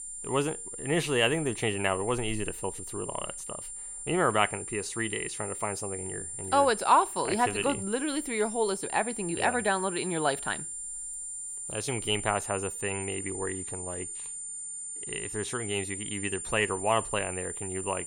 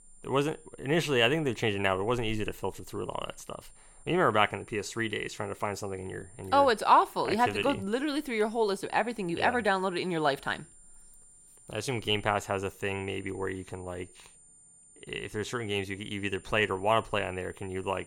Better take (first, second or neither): second